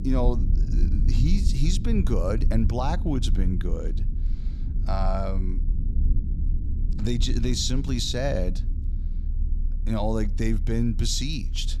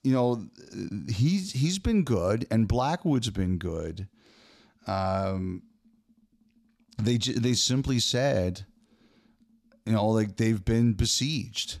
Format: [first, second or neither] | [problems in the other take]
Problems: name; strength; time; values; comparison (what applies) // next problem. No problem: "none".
second | low rumble; noticeable; throughout; 15 dB below the speech